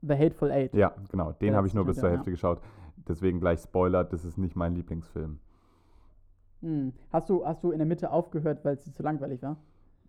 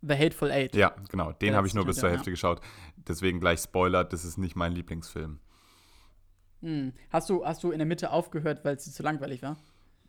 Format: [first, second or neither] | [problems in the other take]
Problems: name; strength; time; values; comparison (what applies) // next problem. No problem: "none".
second | muffled; very; fading above 1.5 kHz